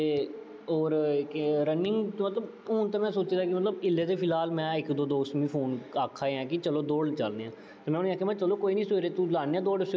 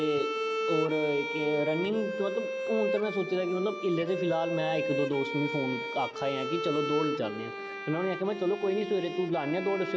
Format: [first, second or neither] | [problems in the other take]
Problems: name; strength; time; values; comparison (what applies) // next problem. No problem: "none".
first | background sound (Bowed string instrument); 4 dB below the speech